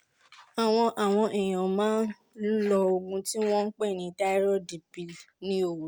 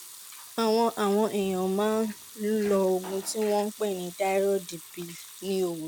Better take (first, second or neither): first